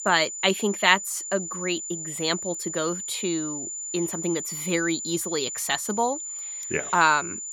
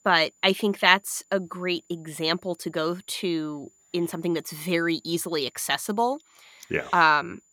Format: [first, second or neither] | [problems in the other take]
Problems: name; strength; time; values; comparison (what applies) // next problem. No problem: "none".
second | high-pitched whine; loud; throughout; 7 kHz, 6 dB below the speech; faint in the second